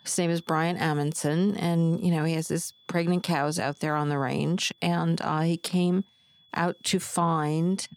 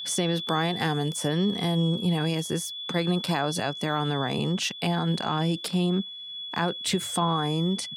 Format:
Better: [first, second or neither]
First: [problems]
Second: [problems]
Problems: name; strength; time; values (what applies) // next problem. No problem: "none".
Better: first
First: high-pitched whine; faint; throughout; 3.5 kHz, 30 dB below the speech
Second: high-pitched whine; loud; throughout; 3.5 kHz, 7 dB below the speech